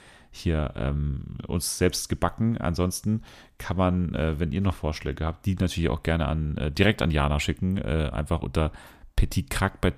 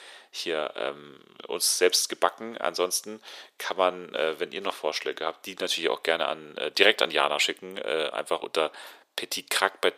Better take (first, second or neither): first